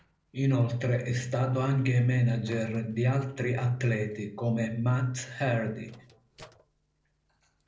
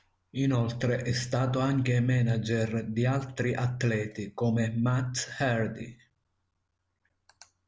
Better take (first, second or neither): second